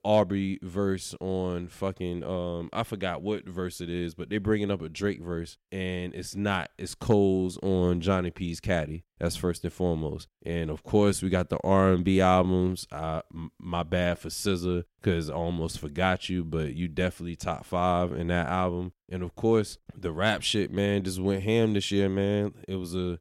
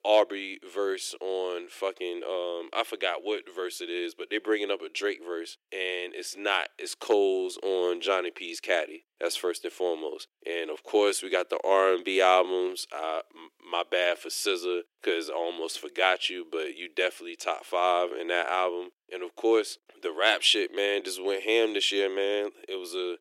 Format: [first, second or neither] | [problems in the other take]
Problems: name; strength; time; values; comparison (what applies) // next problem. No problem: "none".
first | thin; very; fading below 350 Hz